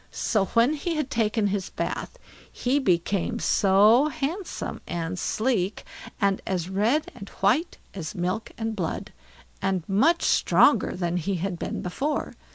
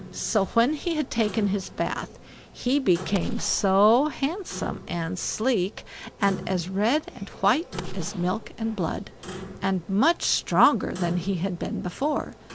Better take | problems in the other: first | background sound (Gunshot, gunfire + Clock); 13 dB below the speech

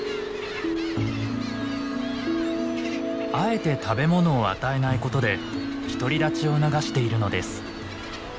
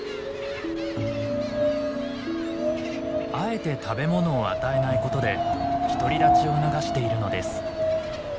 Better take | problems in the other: first | background sound (Wind); 1 dB above the speech

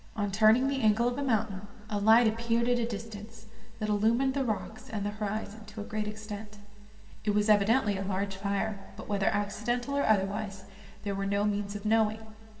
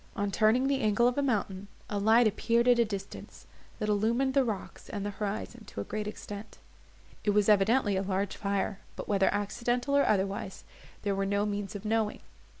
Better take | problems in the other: second | room echo; dies away in 1.8 s

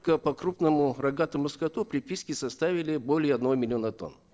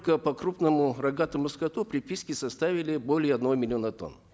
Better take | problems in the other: second | noise reduction (neural separator model SepFormer DNS4)

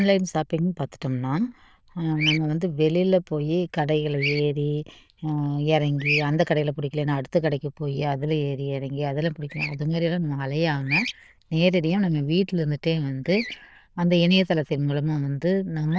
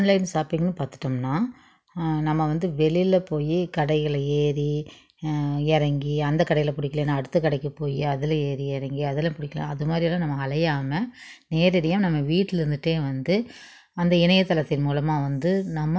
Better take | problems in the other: second | noise reduction (neural diffusion model UNIVERSE++)

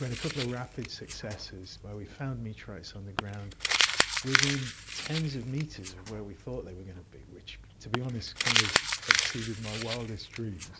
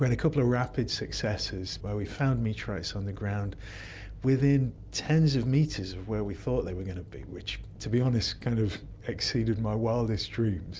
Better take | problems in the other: second | background sound (Crumpling, crinkling); 4 dB above the speech

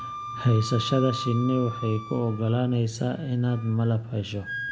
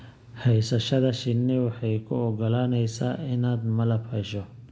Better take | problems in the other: second | background sound (Wind instrument, woodwind instrument); 12 dB below the speech

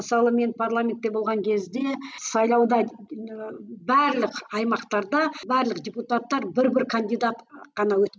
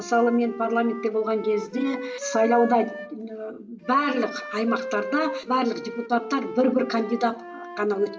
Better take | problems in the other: first | background sound (Wind instrument, woodwind instrument); 11 dB below the speech // room echo; dies away in 0.7 s

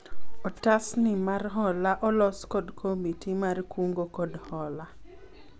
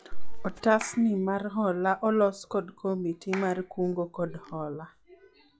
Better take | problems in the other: first | noise reduction (classical method log-MMSE)

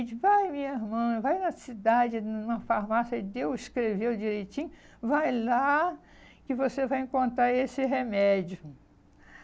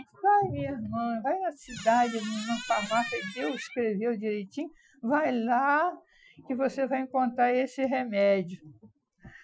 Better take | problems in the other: first | noise reduction (classical method Wiener filter)

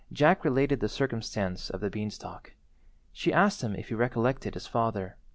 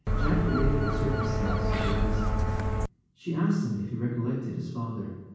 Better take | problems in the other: first | background sound (Gull, seagull); 4 dB above the speech // room echo; dies away in 1.2 s

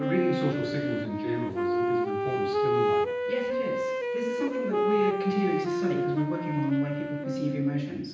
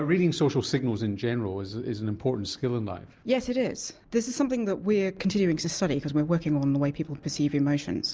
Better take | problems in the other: second | background sound (Wind instrument, woodwind instrument); 2 dB above the speech // room echo; dies away in 0.9 s

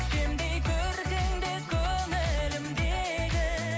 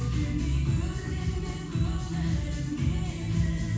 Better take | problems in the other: first | room echo; dies away in 1.2 s

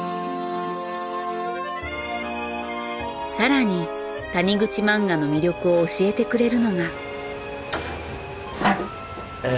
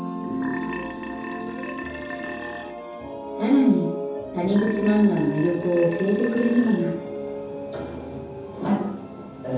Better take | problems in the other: first | background sound (Burping, eructation); 12 dB below the speech // room echo; dies away in 0.9 s

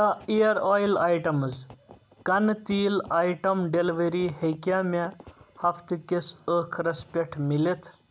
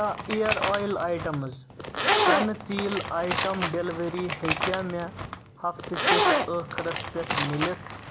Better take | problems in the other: first | background sound (Zipper (clothing)); 1 dB above the speech

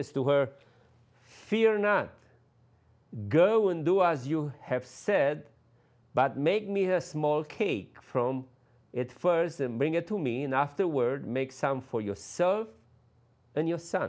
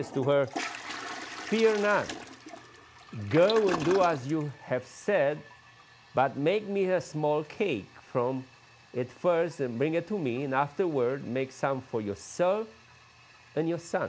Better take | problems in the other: first | background sound (Toilet flush); 14 dB below the speech

